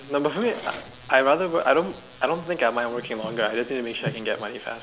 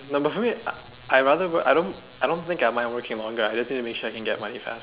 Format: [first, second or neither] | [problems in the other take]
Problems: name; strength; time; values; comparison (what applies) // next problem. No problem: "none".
second | background sound (Drawer open or close); 17 dB below the speech